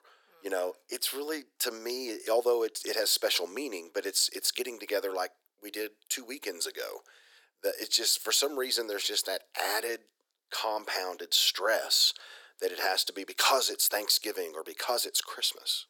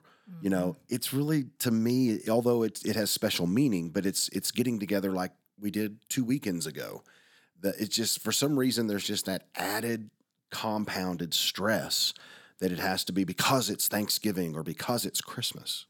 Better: second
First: thin; very; fading below 400 Hz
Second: none

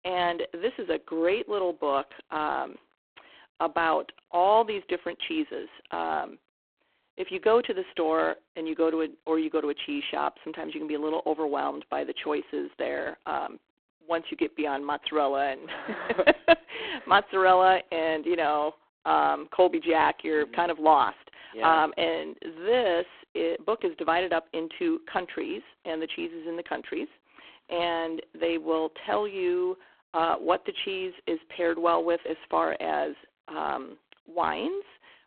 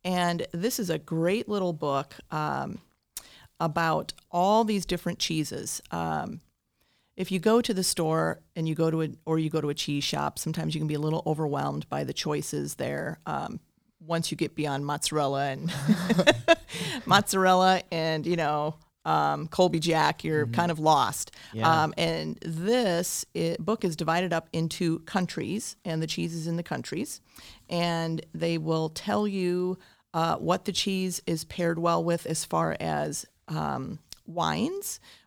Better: second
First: phone-call audio; poor line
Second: none

